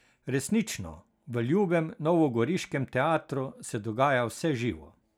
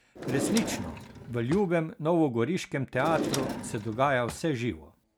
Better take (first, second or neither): first